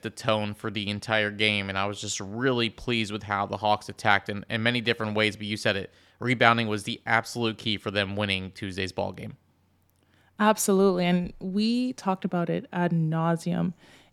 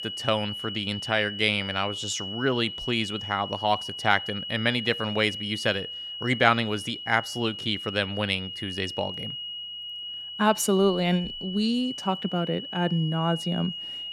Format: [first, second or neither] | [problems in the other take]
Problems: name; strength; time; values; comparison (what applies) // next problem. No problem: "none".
first | high-pitched whine; loud; throughout; 3 kHz, 7 dB below the speech